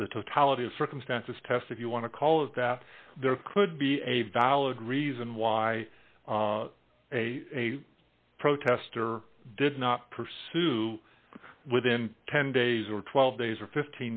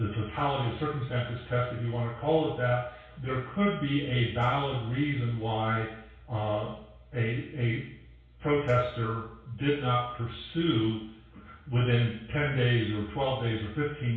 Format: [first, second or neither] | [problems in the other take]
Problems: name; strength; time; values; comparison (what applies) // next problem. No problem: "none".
first | room echo; dies away in 0.6 s